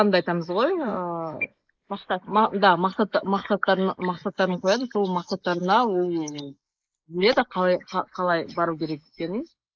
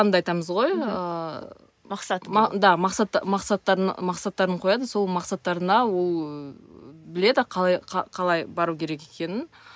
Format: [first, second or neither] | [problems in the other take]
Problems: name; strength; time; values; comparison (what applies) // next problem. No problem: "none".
second | noise reduction (neural mask model Resemble Enhance denoiser)